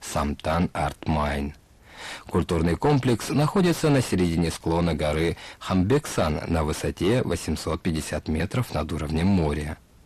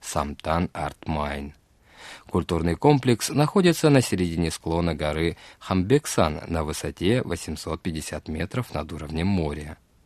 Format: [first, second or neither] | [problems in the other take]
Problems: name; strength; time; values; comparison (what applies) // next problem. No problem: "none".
second | distortion; heavy; 6 dB below the speech